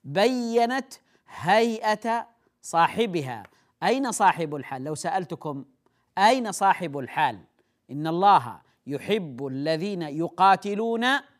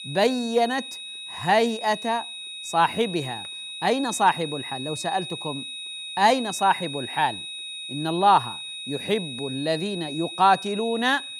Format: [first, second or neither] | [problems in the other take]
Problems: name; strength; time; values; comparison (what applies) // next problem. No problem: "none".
first | high-pitched whine; loud; throughout; 4 kHz, 9 dB below the speech